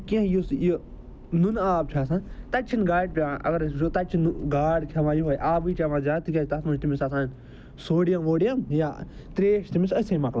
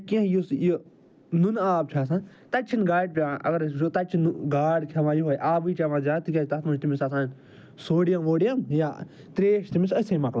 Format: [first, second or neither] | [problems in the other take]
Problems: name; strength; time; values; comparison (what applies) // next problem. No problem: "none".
second | background sound (Accelerating, revving, vroom); 15 dB below the speech